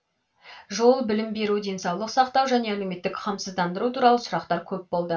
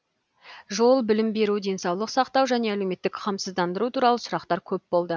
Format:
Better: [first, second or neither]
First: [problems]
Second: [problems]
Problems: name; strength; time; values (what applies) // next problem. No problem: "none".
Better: second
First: room echo; dies away in 0.2 s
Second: none